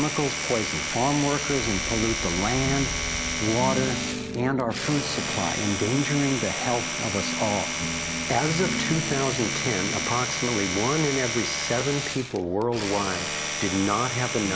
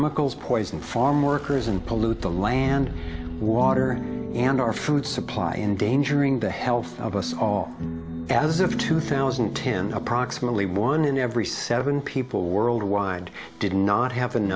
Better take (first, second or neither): second